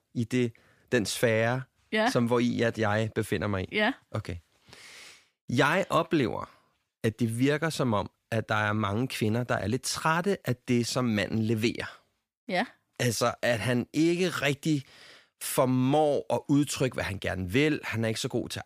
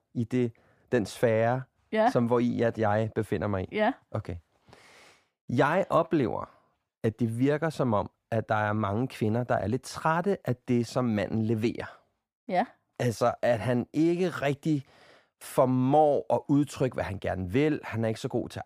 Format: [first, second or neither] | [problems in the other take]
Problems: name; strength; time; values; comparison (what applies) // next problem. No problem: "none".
first | muffled; slightly; fading above 1.5 kHz